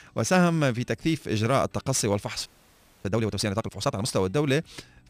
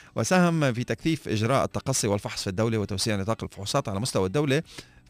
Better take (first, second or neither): second